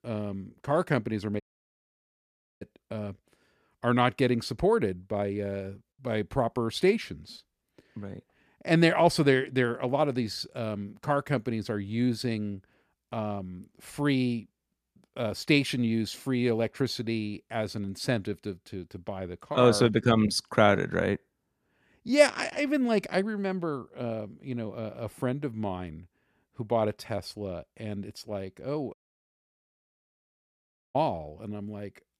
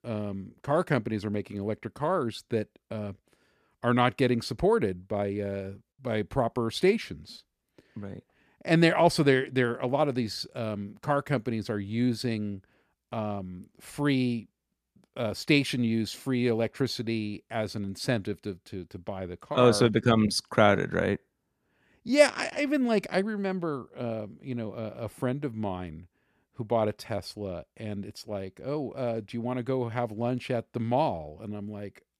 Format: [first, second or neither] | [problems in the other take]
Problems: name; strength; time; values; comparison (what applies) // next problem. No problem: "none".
second | audio cutting out; at 1.5 s for 1 s and at 29 s for 2 s